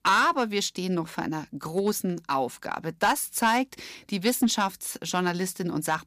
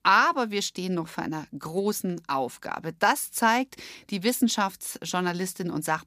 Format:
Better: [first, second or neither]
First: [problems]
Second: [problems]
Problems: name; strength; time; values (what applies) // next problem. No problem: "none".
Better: second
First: distortion; slight; 2% of the sound clipped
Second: none